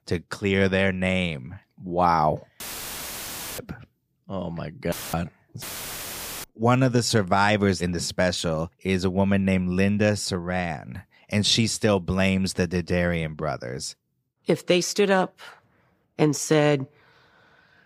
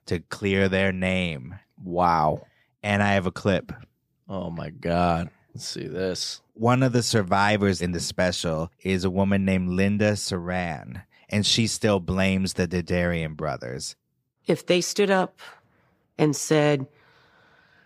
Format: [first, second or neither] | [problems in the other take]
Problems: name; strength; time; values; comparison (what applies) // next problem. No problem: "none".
second | audio cutting out; filled with static; at 2.5 s for 1 s, at 5 s and at 5.5 s for 1 s